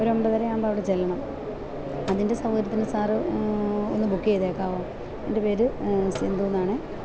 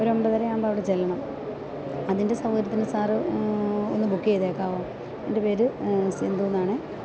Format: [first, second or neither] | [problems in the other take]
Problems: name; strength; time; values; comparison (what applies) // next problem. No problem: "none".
second | background sound (Sink (filling or washing)); 15 dB below the speech